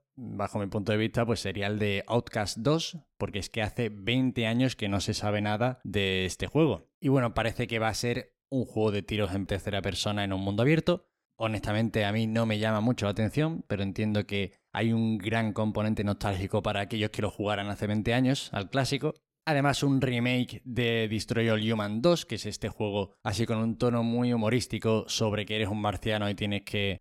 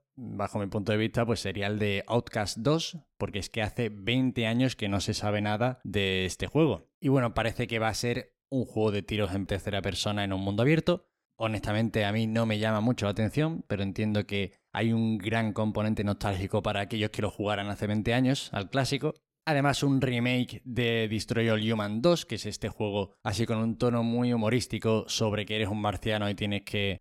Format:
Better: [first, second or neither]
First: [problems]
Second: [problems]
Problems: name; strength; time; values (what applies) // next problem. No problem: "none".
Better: neither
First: none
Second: none